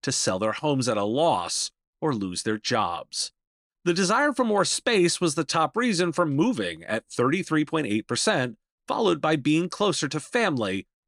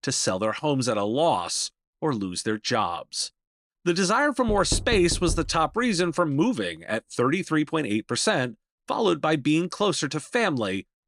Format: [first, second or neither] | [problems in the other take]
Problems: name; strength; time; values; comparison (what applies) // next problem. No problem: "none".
first | door banging; noticeable; from 4.5 to 5.5 s; peak 7 dB below the speech